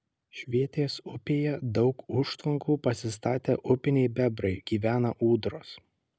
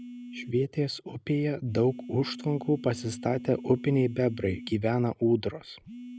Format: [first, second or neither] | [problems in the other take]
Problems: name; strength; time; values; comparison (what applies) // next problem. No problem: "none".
first | background sound (Telephone); 15 dB below the speech